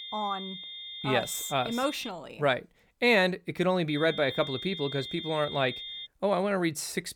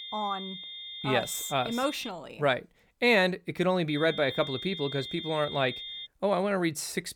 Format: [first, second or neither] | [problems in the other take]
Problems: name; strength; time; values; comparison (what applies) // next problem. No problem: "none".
neither | high-pitched whine; loud; until 2 s and from 4 to 6 s; 3.5 kHz, 9 dB below the speech; the same in both